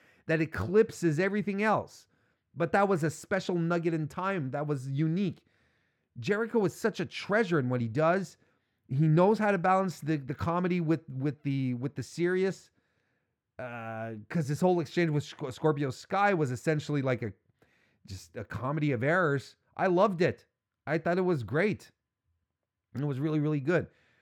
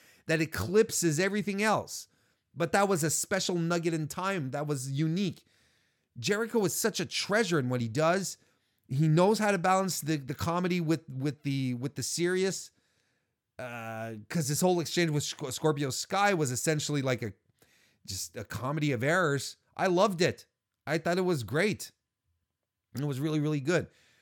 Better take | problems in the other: second | muffled; slightly; fading above 3.5 kHz

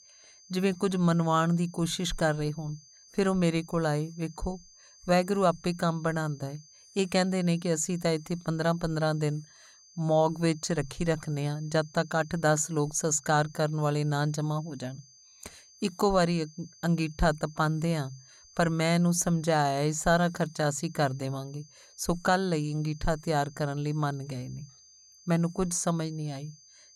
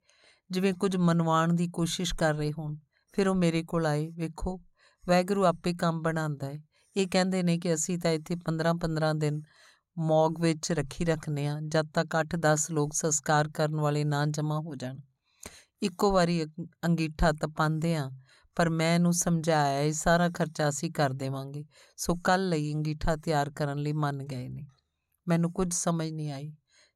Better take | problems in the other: second | high-pitched whine; faint; throughout; 6 kHz, 25 dB below the speech

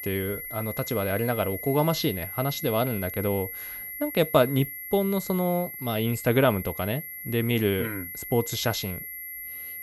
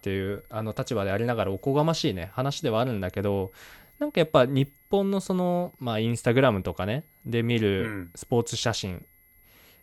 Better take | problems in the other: second | high-pitched whine; loud; throughout; 11.5 kHz, 8 dB below the speech; faint in the second

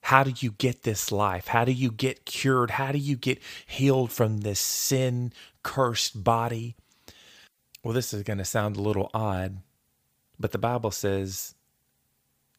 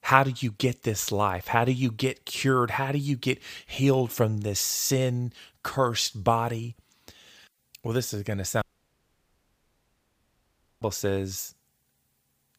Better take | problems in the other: first | audio cutting out; at 8.5 s for 2 s

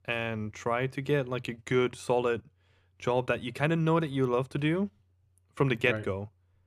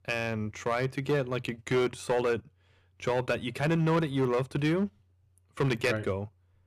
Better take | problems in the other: first | distortion; slight; 6% of the sound clipped

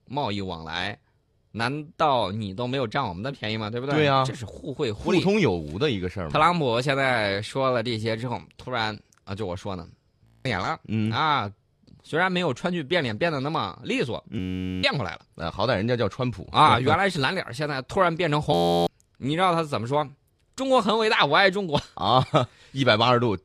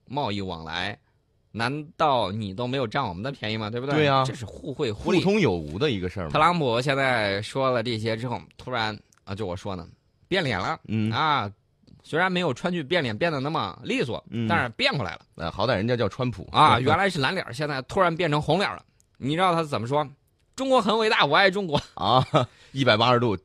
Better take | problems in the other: second | audio freezing; at 10 s, at 14 s and at 19 s

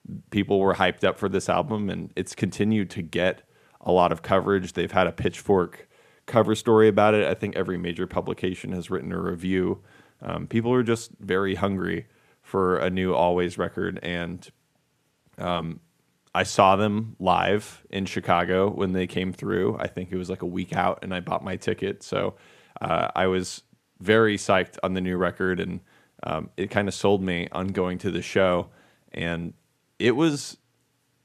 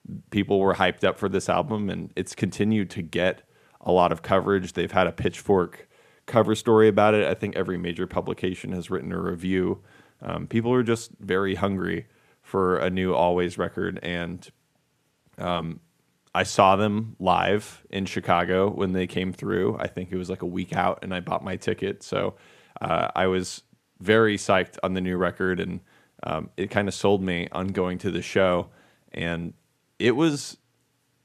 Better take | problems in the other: neither | none

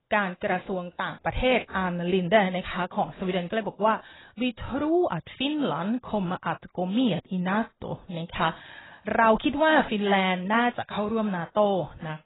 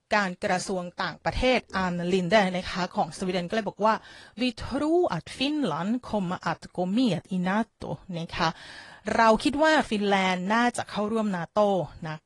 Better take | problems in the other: second | garbled, watery; badly; nothing above 4 kHz; slightly in the second

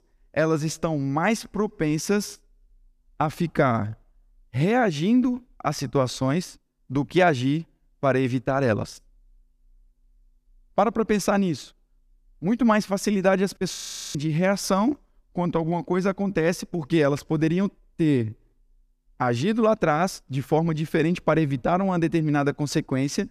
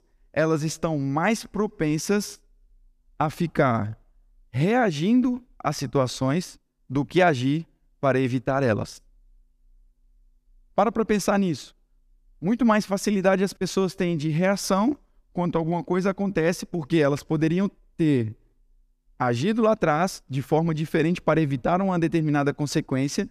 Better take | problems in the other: second | audio freezing; at 14 s

